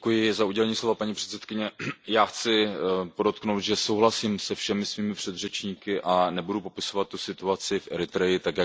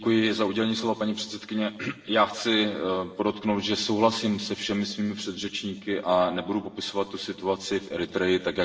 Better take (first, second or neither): first